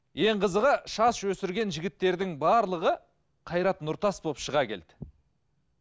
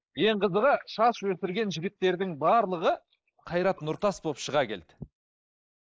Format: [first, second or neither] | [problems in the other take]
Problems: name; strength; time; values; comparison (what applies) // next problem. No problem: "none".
first | noise reduction (neural mask model Resemble Enhance denoiser)